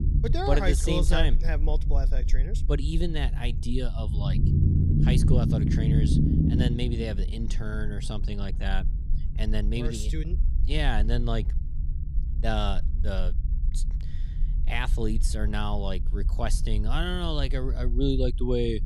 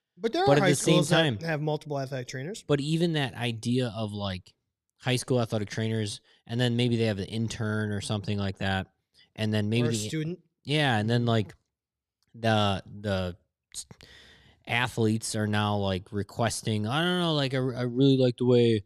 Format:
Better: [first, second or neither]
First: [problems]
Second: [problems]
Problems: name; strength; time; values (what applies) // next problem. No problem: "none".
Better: second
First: low rumble; loud; throughout; 7 dB below the speech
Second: none